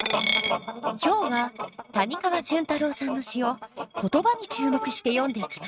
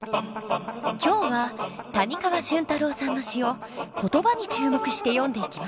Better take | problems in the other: second | noise reduction (neural mask model RNNoise)

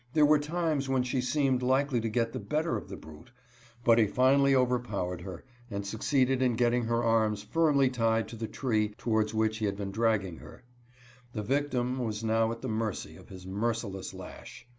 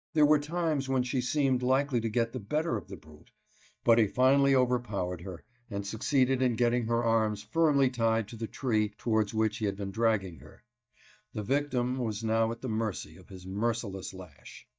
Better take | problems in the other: first | noise reduction (neural mask model DeepFilterNet 3)

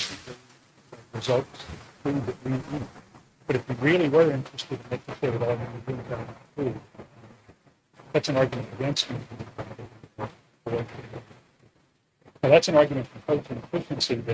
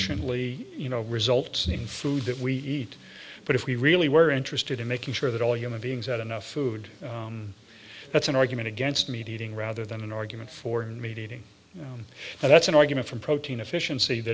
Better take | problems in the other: second | noise reduction (neural mask model RNNoise)

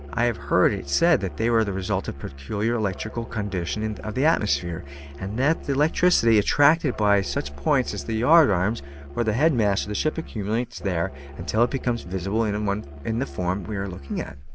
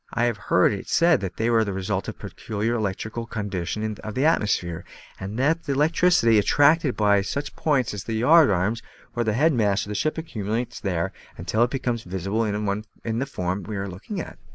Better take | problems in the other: second | background sound (Musical instrument); 14 dB below the speech

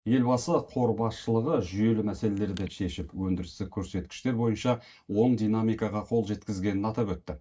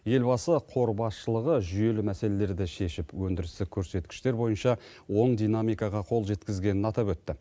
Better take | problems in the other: second | noise reduction (neural mask model DeepFilterNet 3)

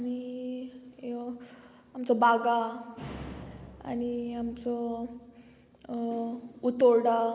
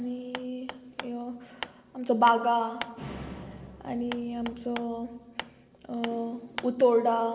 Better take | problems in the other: first | background sound (Hammer); 14 dB below the speech // room echo; dies away in 0.8 s

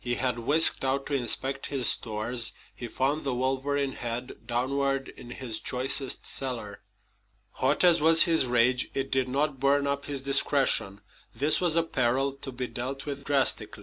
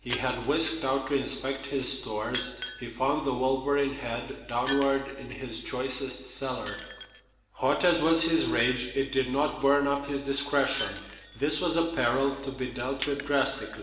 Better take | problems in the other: first | background sound (Shatter); 16 dB below the speech // room echo; dies away in 1.4 s

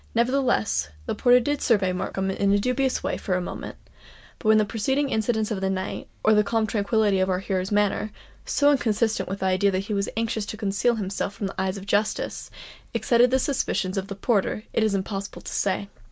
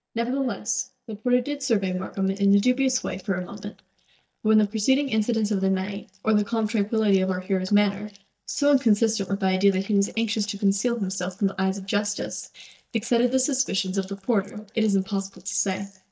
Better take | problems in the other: first | noise reduction (neural mask model DeepFilterNet 3)

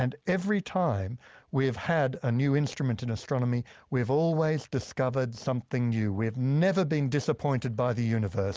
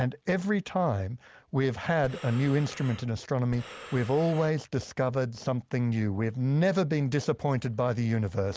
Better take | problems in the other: first | background sound (Breathing); 18 dB below the speech

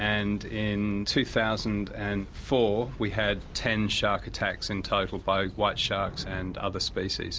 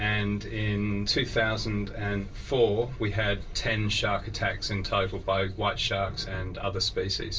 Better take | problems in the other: first | background sound (Microwave oven); 16 dB below the speech // room echo; dies away in 0.1 s

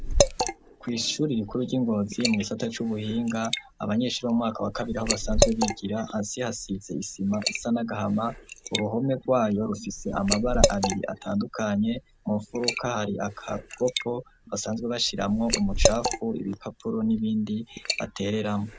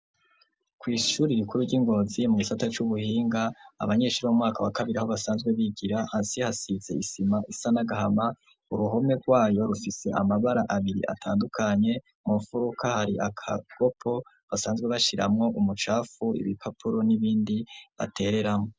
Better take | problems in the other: second | background sound (Liquid); 3 dB below the speech

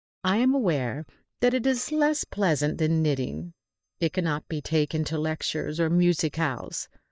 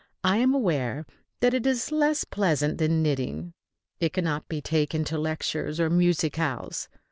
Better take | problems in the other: second | noise reduction (neural mask model DeepFilterNet 3)

